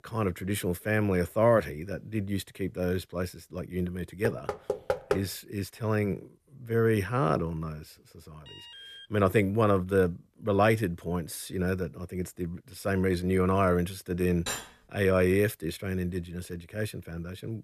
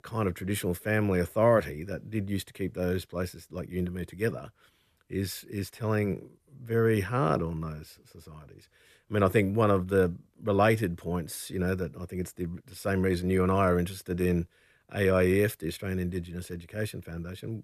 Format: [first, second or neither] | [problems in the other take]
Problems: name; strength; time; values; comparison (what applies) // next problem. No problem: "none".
second | door banging; noticeable; at 4.5 s; peak 2 dB below the speech // alarm; faint; at 8.5 s; peak 15 dB below the speech // clattering dishes; noticeable; at 14 s; peak 6 dB below the speech